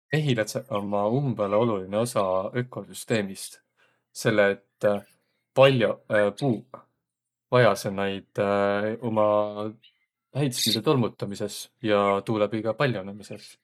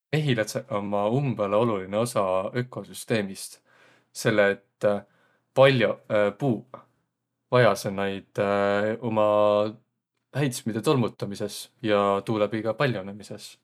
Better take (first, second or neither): second